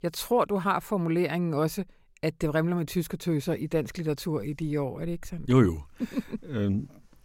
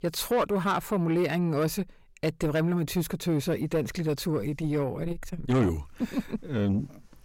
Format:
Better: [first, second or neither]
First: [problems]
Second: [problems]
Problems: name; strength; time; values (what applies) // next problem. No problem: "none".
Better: first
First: none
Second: distortion; slight; 10 dB below the speech